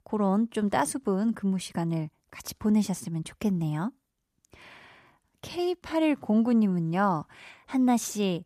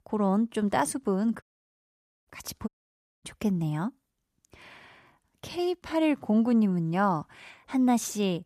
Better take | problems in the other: first | audio cutting out; at 1.5 s for 1 s and at 2.5 s for 0.5 s

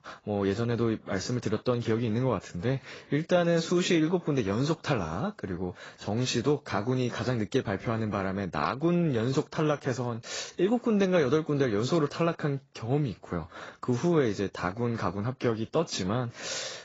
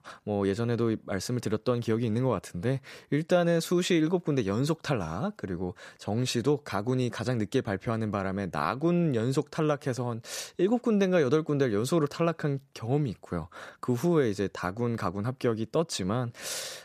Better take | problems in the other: second | garbled, watery; badly; nothing above 7.5 kHz

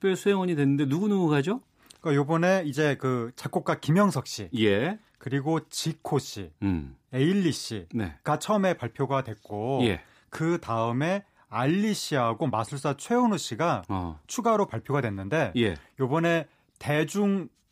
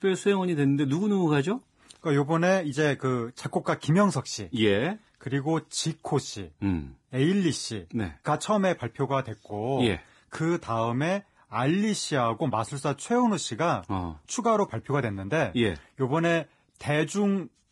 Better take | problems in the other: first | garbled, watery; badly; nothing above 10 kHz

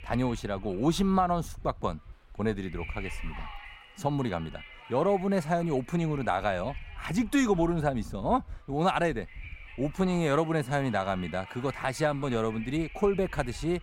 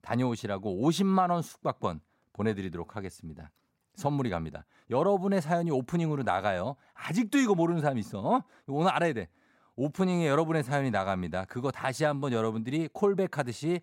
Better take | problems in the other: second | wind noise on the microphone; occasional gusts; 15 dB below the speech

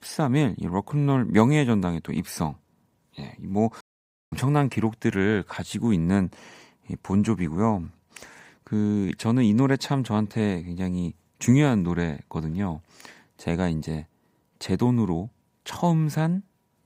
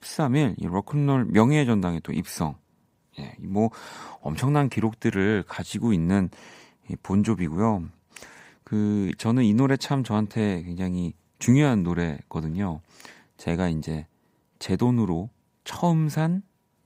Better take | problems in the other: second | audio cutting out; at 4 s for 0.5 s

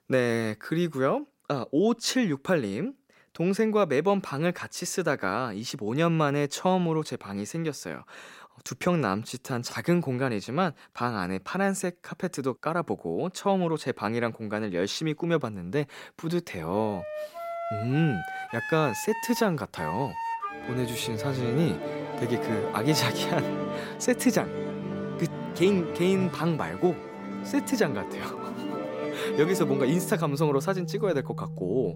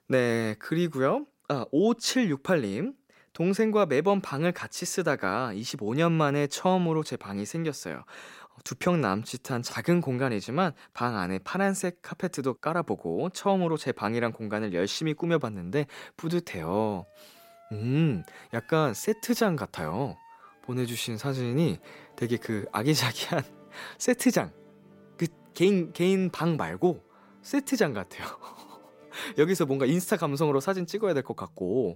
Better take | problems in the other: second | background music; loud; from 17 s on; 6 dB below the speech; faint in the second

